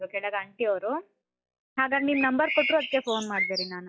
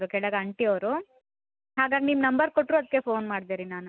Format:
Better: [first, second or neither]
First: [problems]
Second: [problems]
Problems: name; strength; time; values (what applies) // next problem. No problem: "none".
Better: second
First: noise reduction (classical method log-MMSE)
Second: none